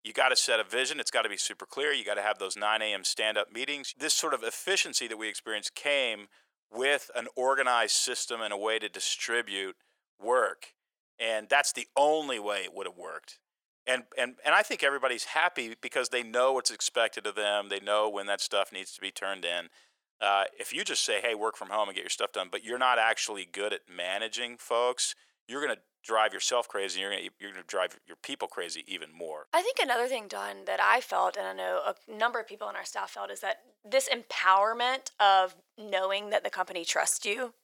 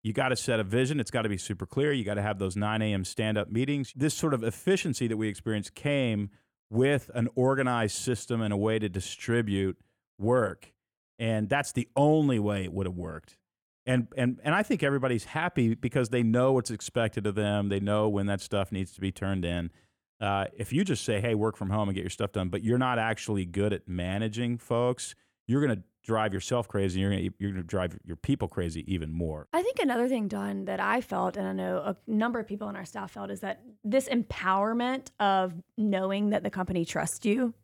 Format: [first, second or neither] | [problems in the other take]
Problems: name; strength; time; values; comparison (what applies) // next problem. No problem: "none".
second | thin; very; fading below 600 Hz